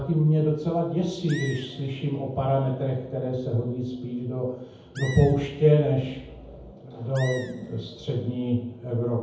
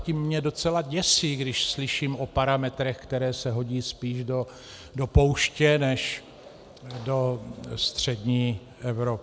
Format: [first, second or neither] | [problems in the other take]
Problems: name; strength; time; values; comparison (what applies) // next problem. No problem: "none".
second | background sound (Animal); 18 dB below the speech // room echo; dies away in 0.9 s